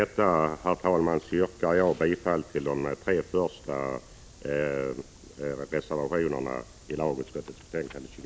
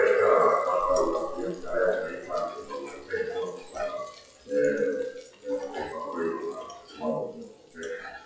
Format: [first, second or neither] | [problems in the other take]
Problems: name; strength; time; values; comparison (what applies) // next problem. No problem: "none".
first | noise reduction (classical method WPE with log-MMSE)